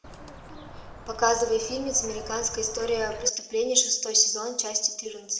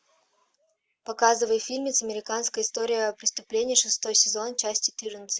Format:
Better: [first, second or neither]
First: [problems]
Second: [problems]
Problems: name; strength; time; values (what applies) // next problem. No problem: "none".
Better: second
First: background sound (Bird); 13 dB below the speech // room echo; dies away in 0.8 s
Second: none